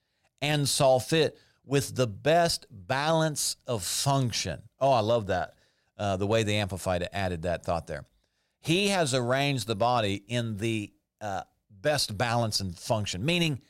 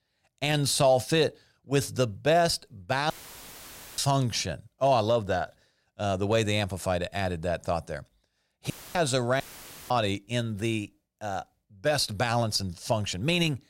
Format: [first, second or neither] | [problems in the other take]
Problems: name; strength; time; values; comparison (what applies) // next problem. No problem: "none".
first | audio cutting out; filled with static; at 3 s for 1 s, at 8.5 s and at 9.5 s for 0.5 s